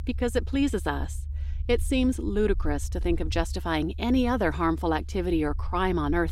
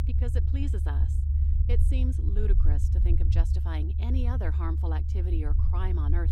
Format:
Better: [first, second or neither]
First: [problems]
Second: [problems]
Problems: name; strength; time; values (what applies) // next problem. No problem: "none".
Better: first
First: low rumble; faint; throughout; 25 dB below the speech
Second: low rumble; loud; throughout; 3 dB below the speech